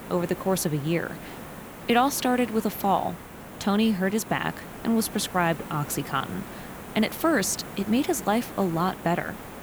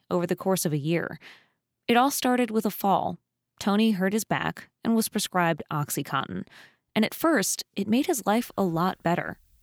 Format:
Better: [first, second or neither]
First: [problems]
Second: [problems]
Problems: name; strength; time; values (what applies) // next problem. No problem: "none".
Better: second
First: hiss; noticeable; throughout; 15 dB below the speech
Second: none